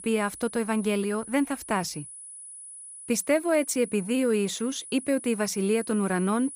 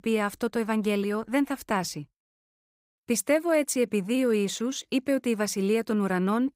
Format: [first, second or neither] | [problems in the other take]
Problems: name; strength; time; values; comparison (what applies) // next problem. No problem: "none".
second | high-pitched whine; noticeable; throughout; 10 kHz, 15 dB below the speech